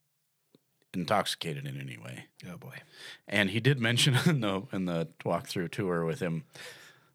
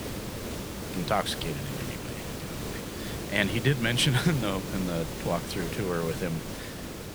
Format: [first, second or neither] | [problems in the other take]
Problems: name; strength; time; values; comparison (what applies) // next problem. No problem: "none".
first | hiss; loud; throughout; 7 dB below the speech